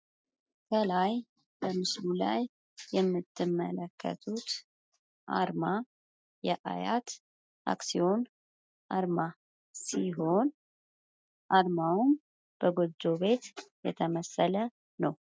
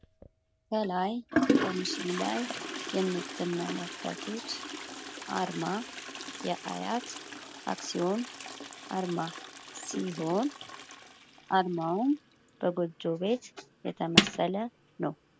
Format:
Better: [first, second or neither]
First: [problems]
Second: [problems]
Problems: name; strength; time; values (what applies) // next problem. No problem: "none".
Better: first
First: none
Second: background sound (Toilet flush); 3 dB below the speech